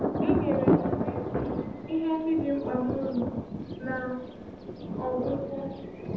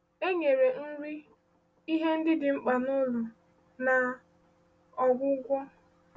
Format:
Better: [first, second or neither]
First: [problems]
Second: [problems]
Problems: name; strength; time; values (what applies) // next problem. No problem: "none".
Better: second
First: background sound (Thunder); 2 dB above the speech // room echo; dies away in 0.7 s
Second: none